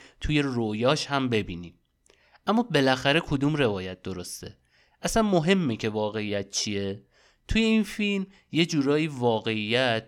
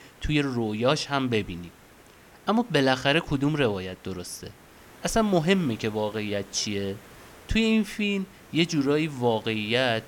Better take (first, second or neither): first